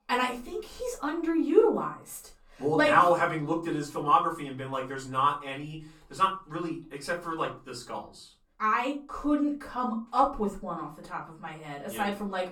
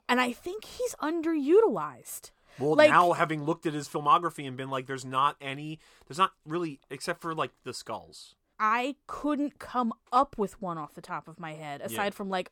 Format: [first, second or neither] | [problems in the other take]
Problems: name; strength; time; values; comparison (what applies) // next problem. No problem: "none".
second | off-mic speech; far // room echo; very slight; dies away in 0.3 s